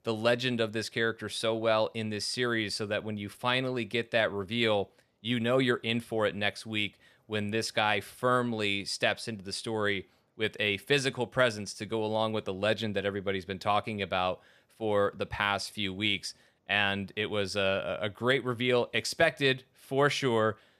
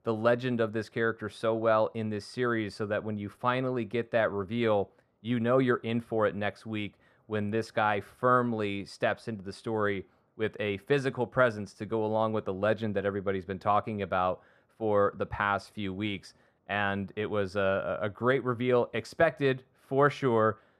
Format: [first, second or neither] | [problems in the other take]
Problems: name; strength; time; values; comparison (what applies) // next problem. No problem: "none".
first | muffled; slightly; fading above 2 kHz